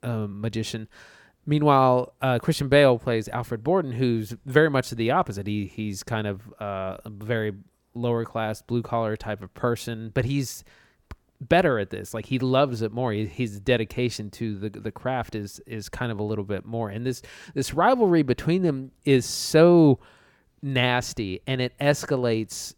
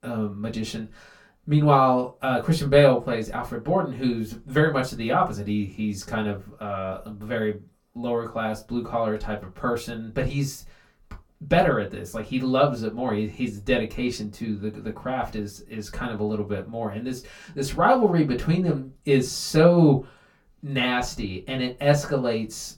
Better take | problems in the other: first | off-mic speech; far // room echo; very slight; dies away in 0.2 s

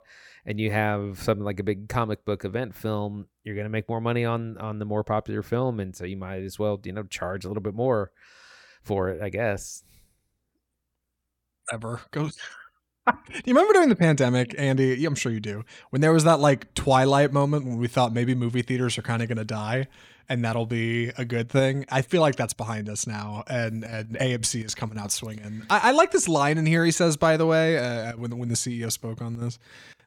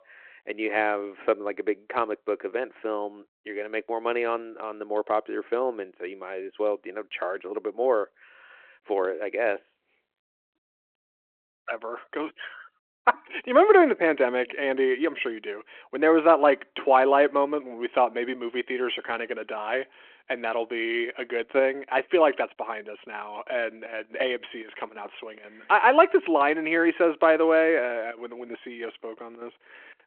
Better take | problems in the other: first | phone-call audio

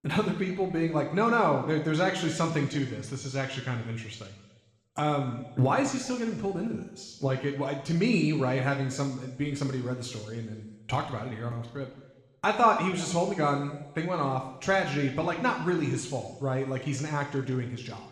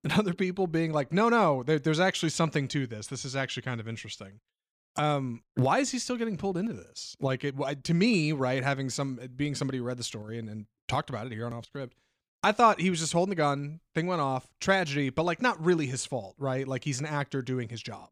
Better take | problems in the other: second | room echo; noticeable; dies away in 1.1 s // off-mic speech; somewhat distant

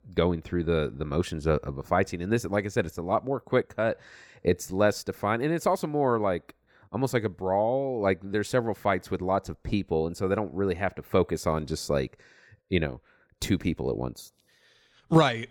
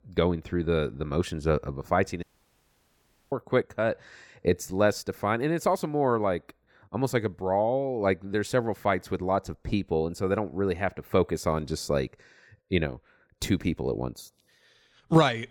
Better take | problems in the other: first | audio cutting out; at 2 s for 1 s

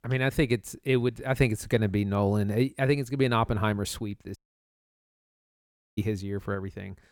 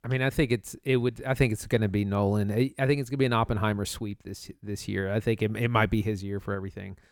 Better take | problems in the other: second | audio cutting out; at 4.5 s for 1.5 s

